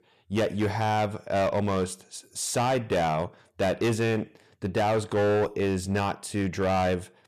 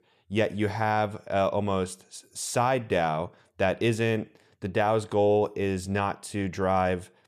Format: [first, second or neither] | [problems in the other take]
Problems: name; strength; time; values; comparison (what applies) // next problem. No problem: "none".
second | distortion; slight; 13% of the sound clipped